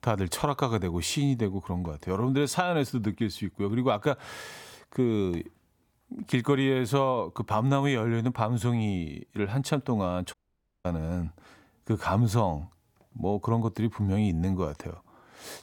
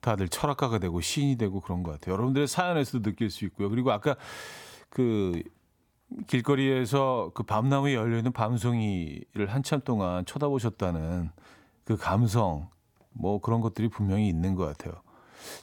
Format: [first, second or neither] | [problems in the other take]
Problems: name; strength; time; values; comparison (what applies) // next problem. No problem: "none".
second | audio cutting out; at 10 s for 0.5 s